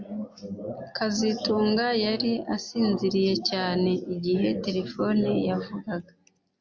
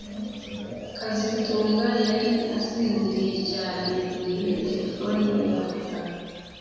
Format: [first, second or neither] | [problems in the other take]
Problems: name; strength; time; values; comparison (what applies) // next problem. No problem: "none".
first | background sound (Bird); 18 dB below the speech // room echo; dies away in 1.9 s